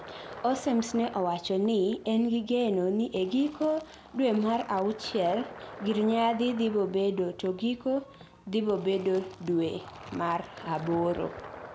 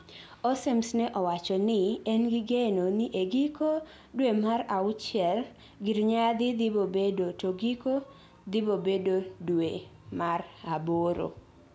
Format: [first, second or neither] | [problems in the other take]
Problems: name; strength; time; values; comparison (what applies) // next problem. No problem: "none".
second | background sound (Fill (with liquid)); 18 dB below the speech